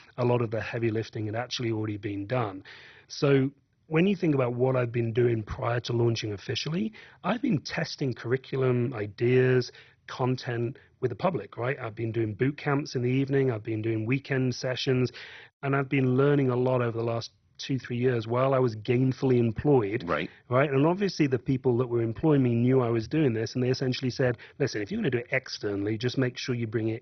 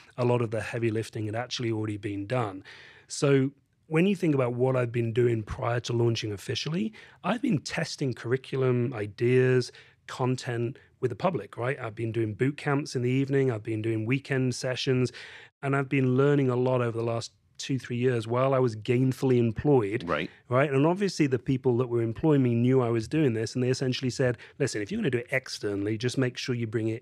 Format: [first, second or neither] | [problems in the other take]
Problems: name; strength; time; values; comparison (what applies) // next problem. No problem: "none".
second | garbled, watery; badly; nothing above 6 kHz